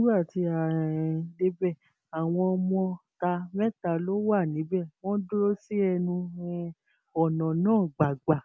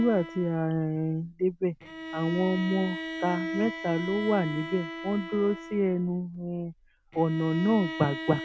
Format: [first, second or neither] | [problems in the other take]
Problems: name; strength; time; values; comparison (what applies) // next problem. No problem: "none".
first | background sound (Bowed string instrument); 10 dB below the speech